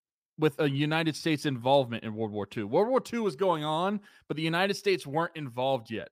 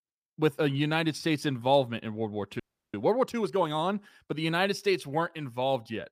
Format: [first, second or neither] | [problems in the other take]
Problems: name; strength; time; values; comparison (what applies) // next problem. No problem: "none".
first | audio freezing; at 2.5 s